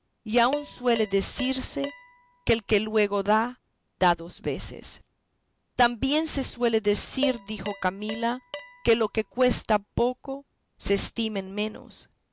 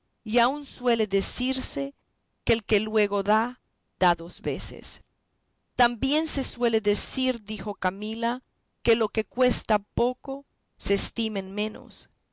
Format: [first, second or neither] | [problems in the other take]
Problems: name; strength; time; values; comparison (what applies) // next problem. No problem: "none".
second | background sound (Dishes, pots, and pans); 13 dB below the speech